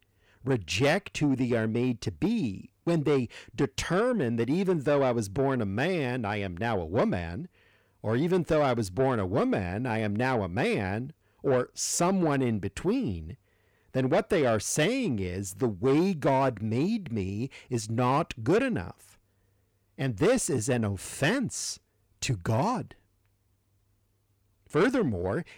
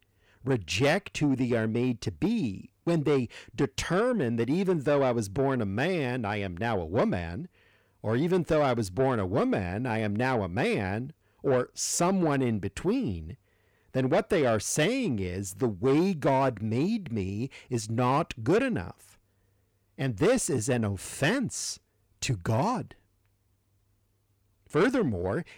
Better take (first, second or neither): neither